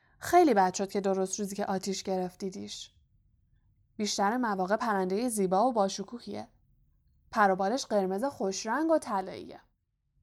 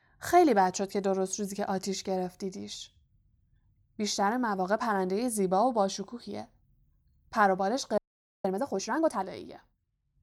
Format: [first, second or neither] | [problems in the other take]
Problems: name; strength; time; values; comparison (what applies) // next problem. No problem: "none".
first | audio freezing; at 8 s